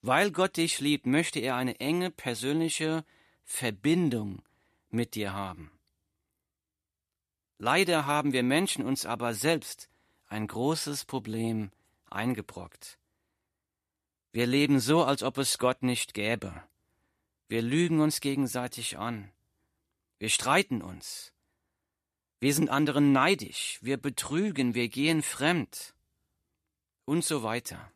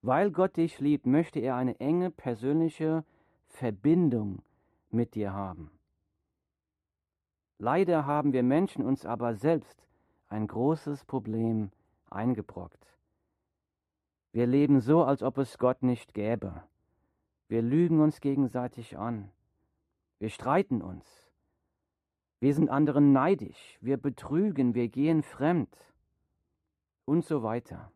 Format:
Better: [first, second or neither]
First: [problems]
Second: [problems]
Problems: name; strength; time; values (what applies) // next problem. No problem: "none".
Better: first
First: none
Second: muffled; very; fading above 2 kHz